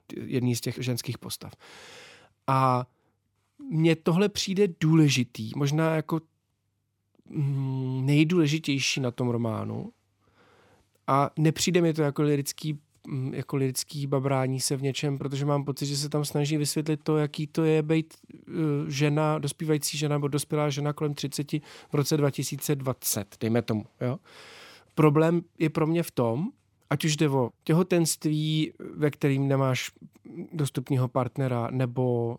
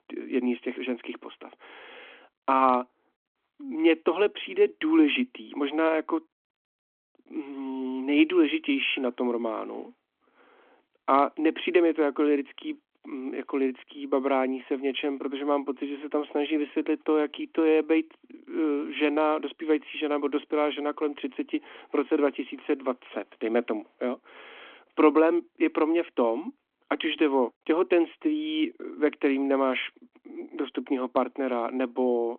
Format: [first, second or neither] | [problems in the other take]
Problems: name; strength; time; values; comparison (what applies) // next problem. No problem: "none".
first | phone-call audio; nothing above 3.5 kHz